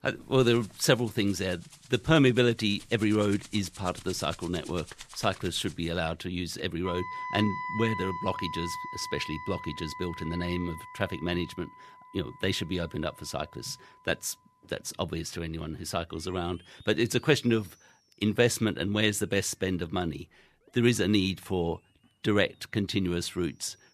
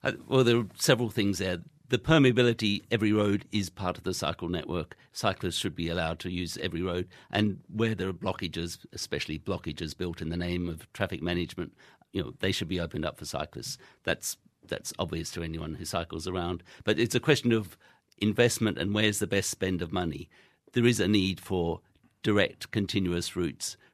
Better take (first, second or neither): second